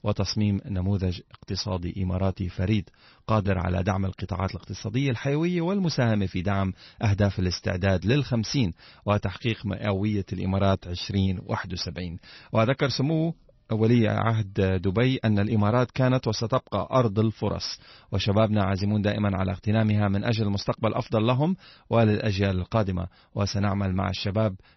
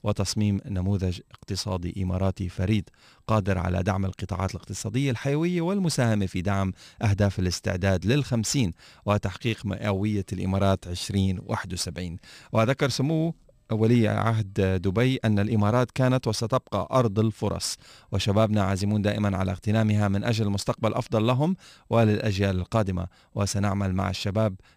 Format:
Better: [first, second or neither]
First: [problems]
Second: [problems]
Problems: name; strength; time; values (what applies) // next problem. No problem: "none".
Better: second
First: garbled, watery; slightly; nothing above 6 kHz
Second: none